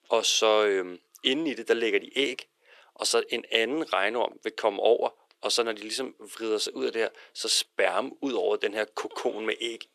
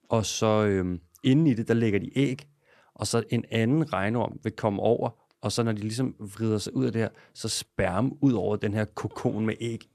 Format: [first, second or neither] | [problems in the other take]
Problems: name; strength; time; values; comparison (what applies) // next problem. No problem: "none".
second | thin; very; fading below 400 Hz